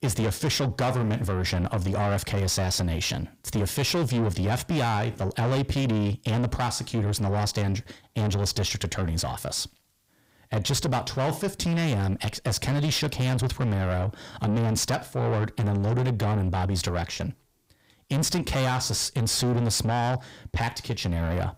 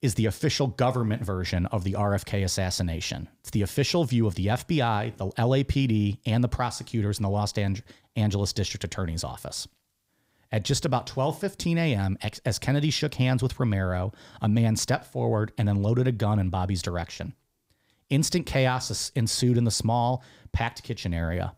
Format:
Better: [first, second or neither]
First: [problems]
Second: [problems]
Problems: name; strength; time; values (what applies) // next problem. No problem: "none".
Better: second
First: distortion; heavy; 8 dB below the speech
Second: none